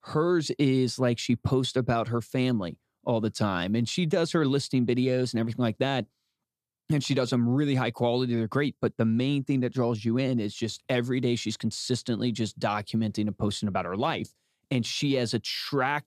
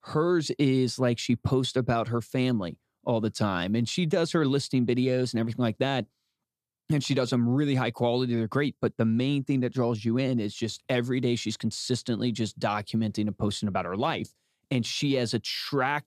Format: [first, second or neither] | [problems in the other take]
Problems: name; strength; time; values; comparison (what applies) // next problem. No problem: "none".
neither | none